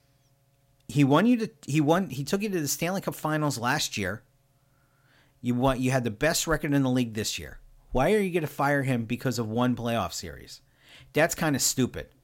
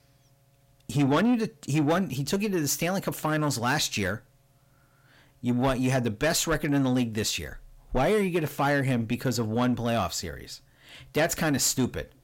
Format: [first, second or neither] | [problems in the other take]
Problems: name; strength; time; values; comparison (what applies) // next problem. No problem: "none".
first | distortion; slight; 10 dB below the speech